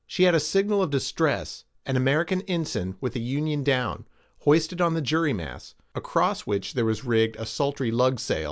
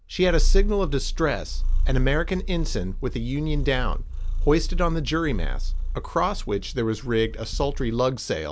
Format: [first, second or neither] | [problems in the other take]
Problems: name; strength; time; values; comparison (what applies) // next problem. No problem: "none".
first | background sound (Purr); 1 dB above the speech